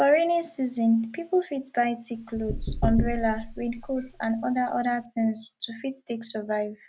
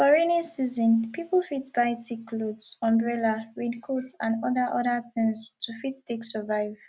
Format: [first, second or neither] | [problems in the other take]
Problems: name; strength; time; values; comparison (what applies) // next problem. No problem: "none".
second | background sound (Knock / Wood); 5 dB below the speech